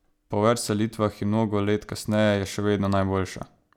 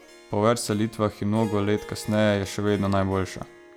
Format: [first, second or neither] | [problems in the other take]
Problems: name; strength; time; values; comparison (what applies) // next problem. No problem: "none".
first | background sound (Harp); 18 dB below the speech